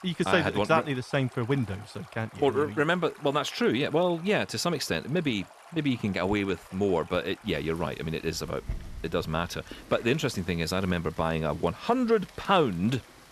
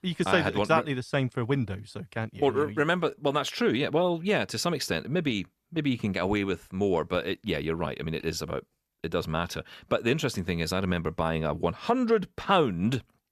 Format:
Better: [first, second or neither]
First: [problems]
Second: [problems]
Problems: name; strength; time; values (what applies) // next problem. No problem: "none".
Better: second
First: rain or running water; faint; throughout; 20 dB below the speech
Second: none